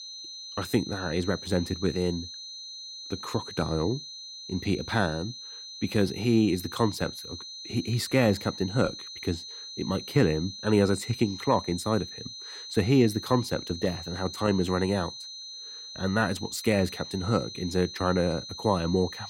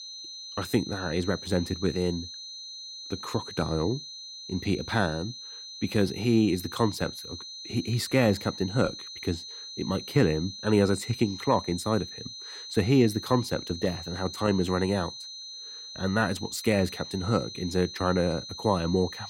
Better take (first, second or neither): neither